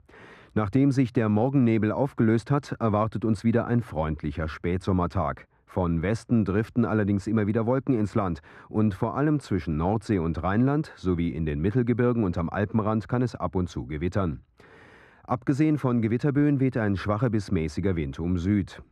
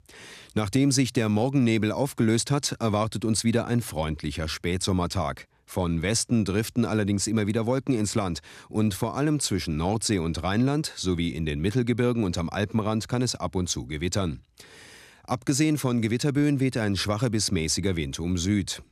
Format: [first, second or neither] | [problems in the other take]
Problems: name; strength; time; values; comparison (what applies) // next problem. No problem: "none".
second | muffled; very; fading above 3 kHz